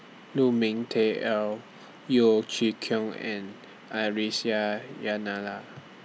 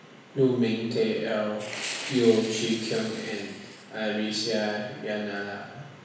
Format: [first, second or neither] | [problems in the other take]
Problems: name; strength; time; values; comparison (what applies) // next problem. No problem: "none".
first | background sound (Fire); 12 dB below the speech // room echo; dies away in 1.1 s